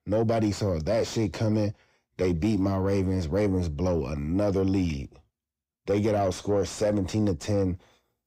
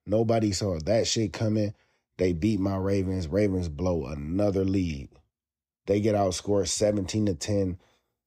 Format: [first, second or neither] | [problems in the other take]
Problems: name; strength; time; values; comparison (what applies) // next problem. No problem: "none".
second | distortion; slight; 10 dB below the speech